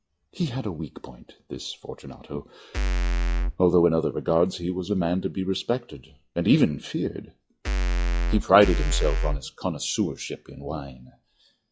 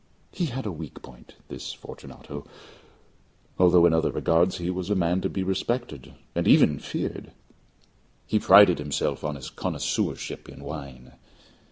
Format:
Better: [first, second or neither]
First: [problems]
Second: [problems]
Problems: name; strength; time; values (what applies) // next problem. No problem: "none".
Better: second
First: noise reduction (classical method log-MMSE)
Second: none